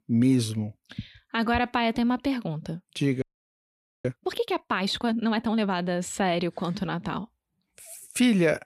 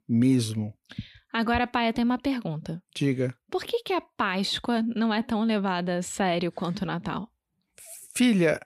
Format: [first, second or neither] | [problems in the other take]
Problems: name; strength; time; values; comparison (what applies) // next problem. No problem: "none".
second | audio freezing; at 3 s for 1 s